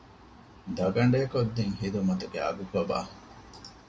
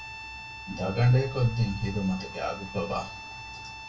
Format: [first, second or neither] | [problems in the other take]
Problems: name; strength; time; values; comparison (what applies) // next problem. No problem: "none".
first | background sound (Harmonica); 13 dB below the speech // room echo; dies away in 0.2 s